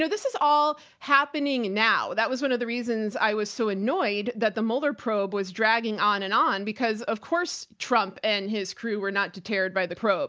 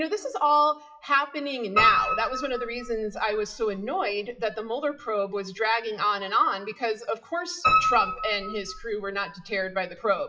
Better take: first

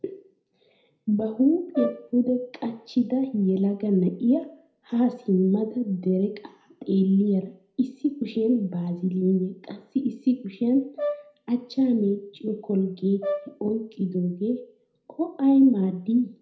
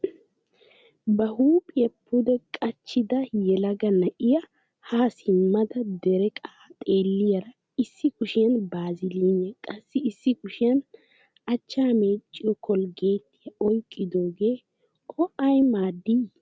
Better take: second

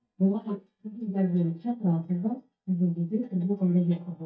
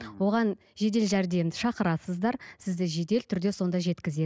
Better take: second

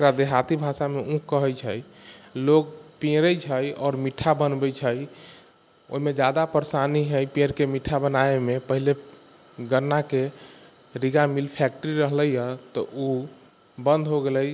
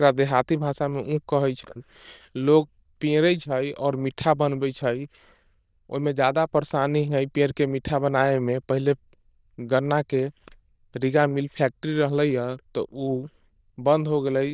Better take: first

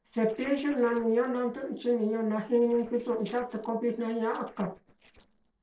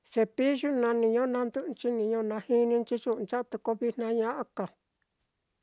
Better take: second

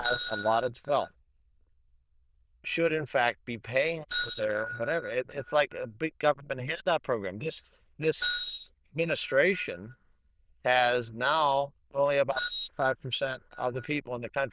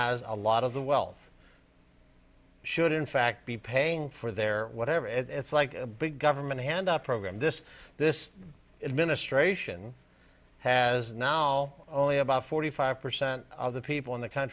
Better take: second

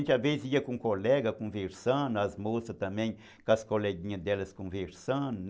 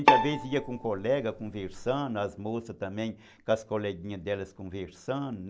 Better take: first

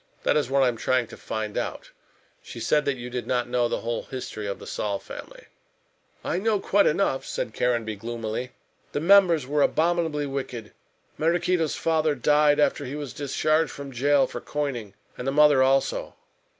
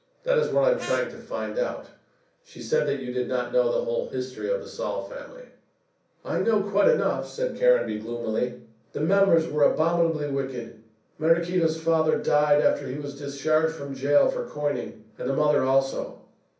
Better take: first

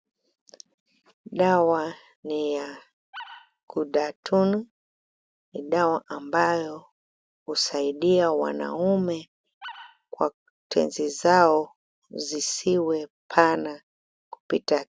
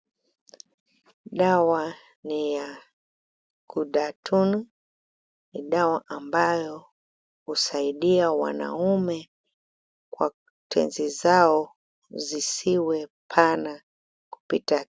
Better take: second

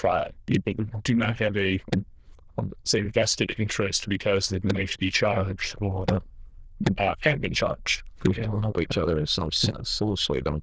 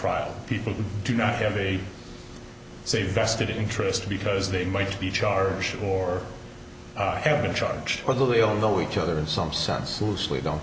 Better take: second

